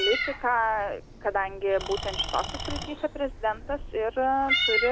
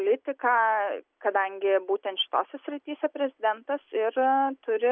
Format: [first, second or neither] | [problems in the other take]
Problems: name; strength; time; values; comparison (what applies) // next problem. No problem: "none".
second | background sound (Engine / Tools + Meow); 4 dB below the speech